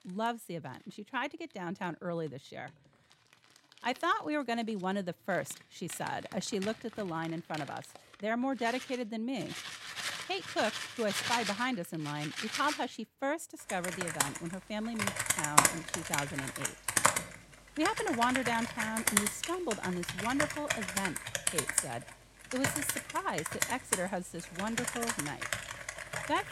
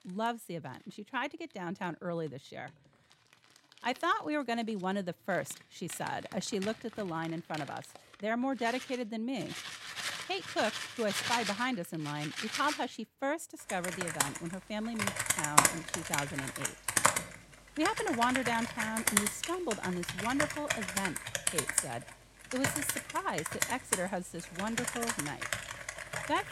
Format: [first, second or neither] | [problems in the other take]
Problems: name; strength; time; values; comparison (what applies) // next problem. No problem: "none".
neither | household noises; very loud; throughout; 2 dB above the speech; the same in both